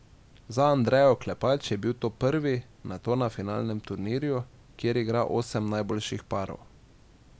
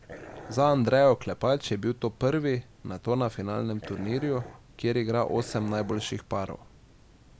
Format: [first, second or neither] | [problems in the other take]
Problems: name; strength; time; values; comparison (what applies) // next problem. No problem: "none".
first | background sound (Dog); 16 dB below the speech